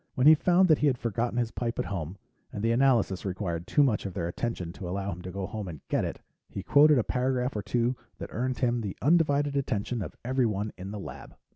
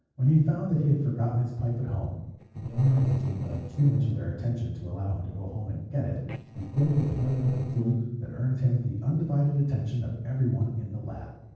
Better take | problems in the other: first | noise reduction (neural separator model SepFormer DNS4)

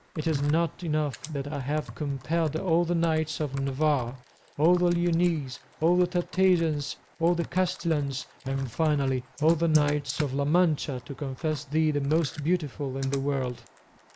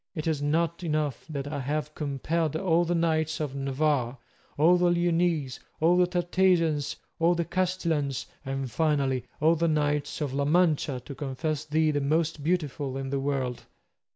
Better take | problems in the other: second | noise reduction (neural mask model Resemble Enhance denoiser)

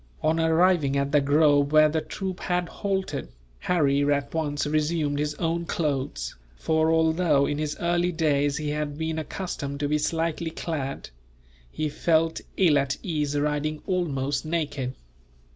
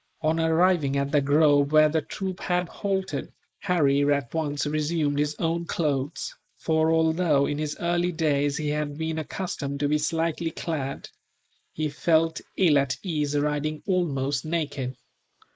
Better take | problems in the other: first | noise reduction (neural mask model Resemble Enhance denoiser)

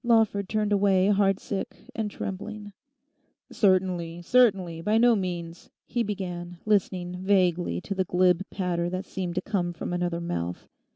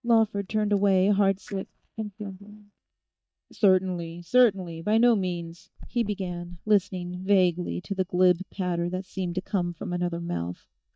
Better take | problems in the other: first | noise reduction (neural mask model DeepFilterNet 3)

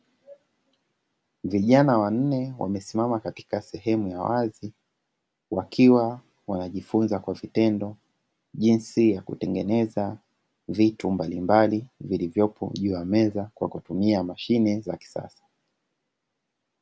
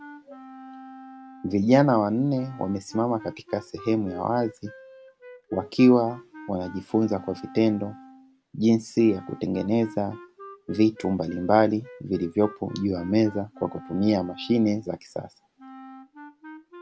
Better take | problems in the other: first | background sound (Wind instrument, woodwind instrument); 19 dB below the speech

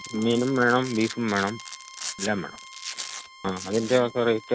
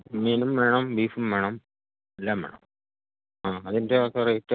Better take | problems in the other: second | background sound (Domestic sounds, home sounds + Bowed string instrument); 13 dB below the speech

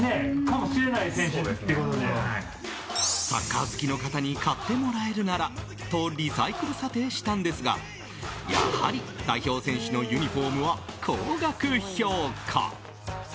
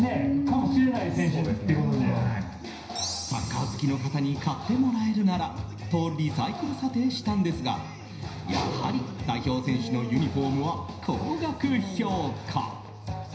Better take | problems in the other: first | room echo; dies away in 0.9 s

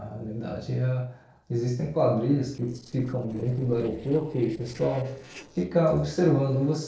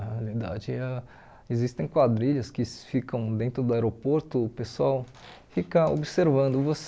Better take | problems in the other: second | noise reduction (neural separator model SepFormer DNS4)

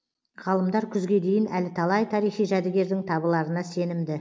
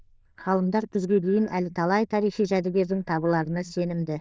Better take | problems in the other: first | noise reduction (neural diffusion model UNIVERSE++)

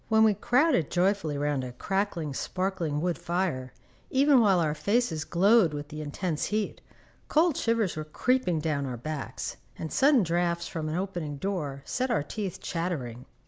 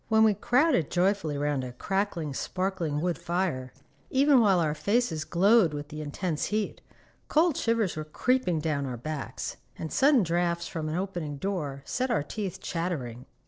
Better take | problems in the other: first | noise reduction (neural separator model SepFormer DNS4)

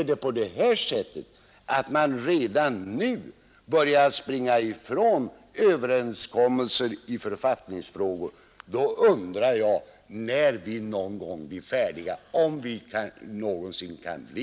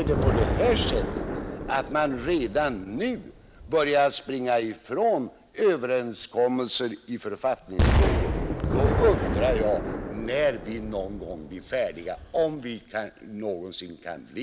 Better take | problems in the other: first | background sound (Explosion); 2 dB below the speech

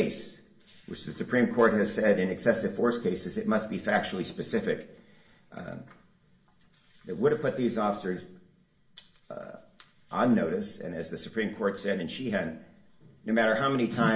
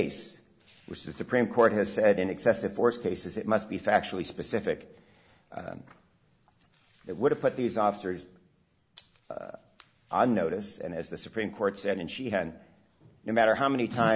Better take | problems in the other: second | room echo; dies away in 0.5 s

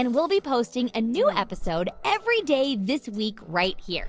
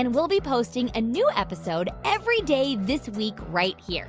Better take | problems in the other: second | noise reduction (neural separator model SepFormer DNS4)

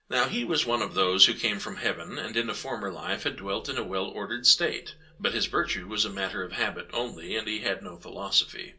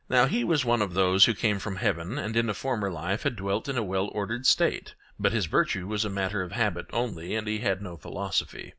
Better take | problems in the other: second | room echo; dies away in 0.2 s

